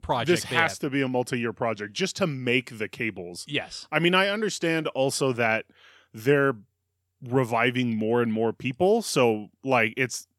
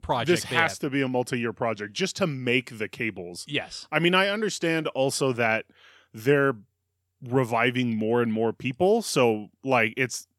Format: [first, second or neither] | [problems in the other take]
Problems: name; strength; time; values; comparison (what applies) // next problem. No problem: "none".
neither | none